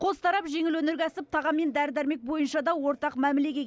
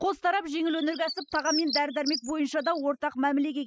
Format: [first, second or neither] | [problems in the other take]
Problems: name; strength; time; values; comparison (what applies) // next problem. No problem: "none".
first | noise reduction (classical method spectral subtraction)